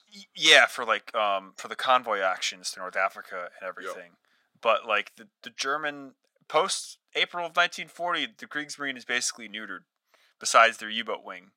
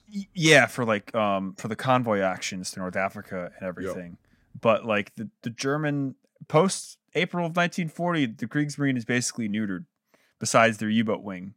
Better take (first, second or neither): second